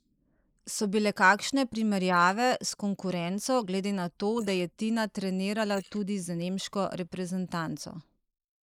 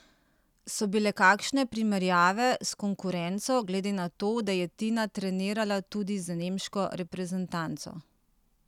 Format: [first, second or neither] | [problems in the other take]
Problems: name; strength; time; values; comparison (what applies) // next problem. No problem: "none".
second | noise reduction (neural mask model Resemble Enhance denoiser)